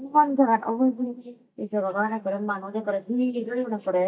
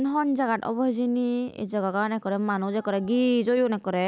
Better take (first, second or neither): second